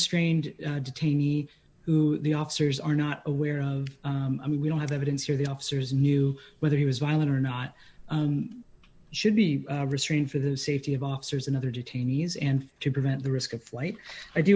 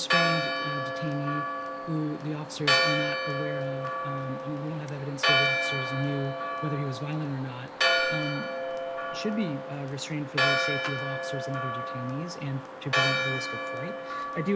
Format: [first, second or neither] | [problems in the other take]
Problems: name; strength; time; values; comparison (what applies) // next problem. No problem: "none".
first | background sound (Church bell); 4 dB above the speech